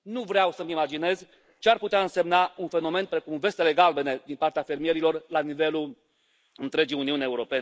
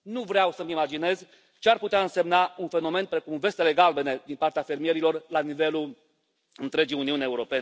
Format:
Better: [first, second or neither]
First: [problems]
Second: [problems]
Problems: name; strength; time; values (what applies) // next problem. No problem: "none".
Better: second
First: noise reduction (neural mask model Resemble Enhance denoiser)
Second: none